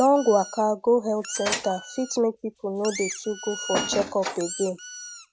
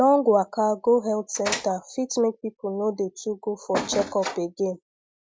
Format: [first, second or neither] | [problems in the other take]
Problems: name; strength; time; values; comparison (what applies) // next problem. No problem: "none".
second | background sound (Squeak); 13 dB below the speech